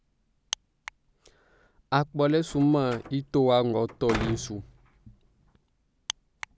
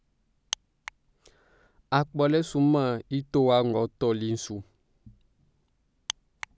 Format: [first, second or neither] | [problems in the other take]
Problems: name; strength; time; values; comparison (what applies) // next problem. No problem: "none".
second | background sound (Slam); 11 dB below the speech